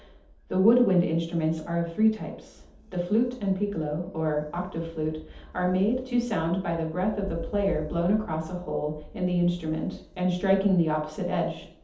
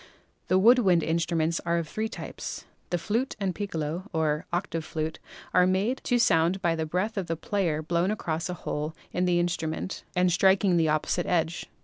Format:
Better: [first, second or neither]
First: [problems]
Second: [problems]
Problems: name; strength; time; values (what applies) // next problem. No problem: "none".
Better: second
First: background sound (Thunder); 18 dB below the speech // room echo; dies away in 0.6 s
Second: none